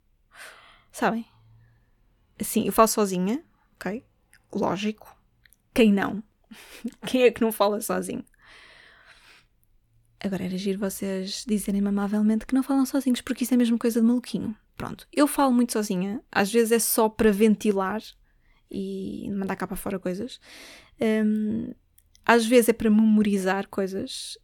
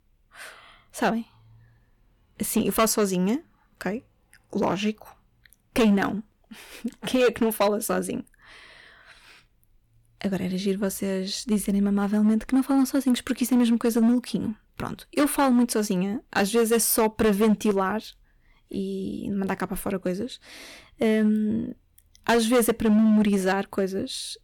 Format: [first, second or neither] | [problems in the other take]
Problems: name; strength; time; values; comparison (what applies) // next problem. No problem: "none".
first | distortion; slight; 5% of the sound clipped